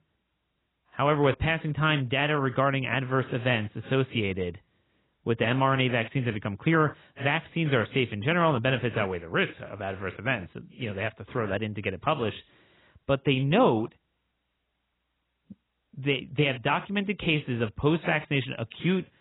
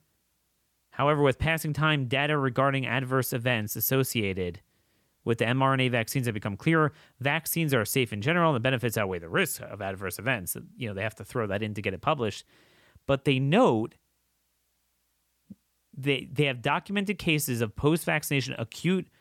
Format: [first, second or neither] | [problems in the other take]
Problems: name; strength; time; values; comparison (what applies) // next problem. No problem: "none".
second | garbled, watery; badly; nothing above 3.5 kHz